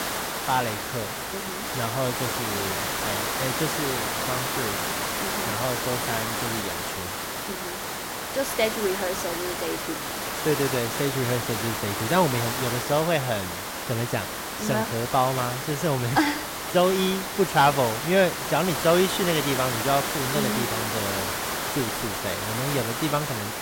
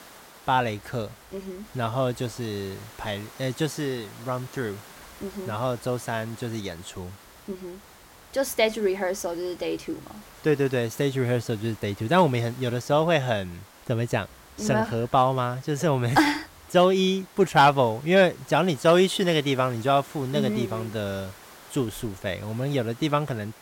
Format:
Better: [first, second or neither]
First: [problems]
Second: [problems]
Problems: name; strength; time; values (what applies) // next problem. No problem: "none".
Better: second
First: hiss; loud; throughout; 1 dB below the speech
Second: hiss; faint; throughout; 20 dB below the speech